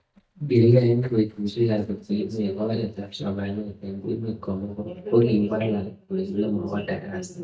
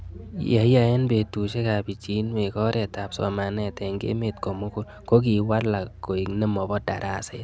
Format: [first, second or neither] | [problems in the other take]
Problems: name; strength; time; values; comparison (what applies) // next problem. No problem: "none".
second | noise reduction (neural mask model DeepFilterNet 3)